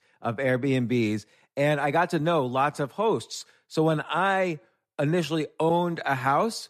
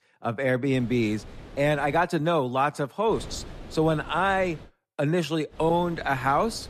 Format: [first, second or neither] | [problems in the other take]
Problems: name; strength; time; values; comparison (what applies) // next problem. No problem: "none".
first | wind noise on the microphone; occasional gusts; from 0.5 to 2 s, from 3 to 4.5 s and from 5.5 s on; 20 dB below the speech